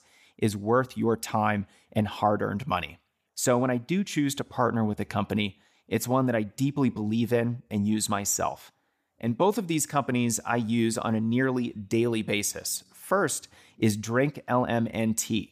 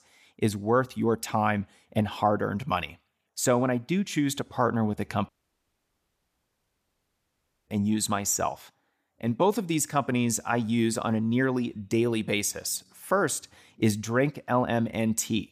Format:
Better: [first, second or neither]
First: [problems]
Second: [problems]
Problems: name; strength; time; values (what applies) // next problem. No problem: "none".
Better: first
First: none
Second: audio cutting out; at 5.5 s for 2.5 s